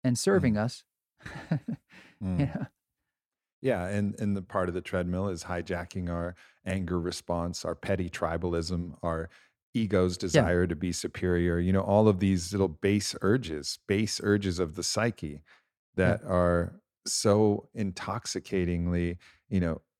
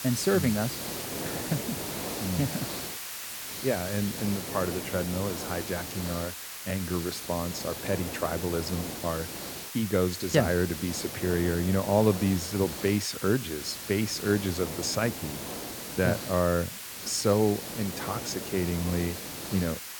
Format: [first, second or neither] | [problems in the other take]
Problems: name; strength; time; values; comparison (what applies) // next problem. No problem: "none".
first | hiss; loud; throughout; 6 dB below the speech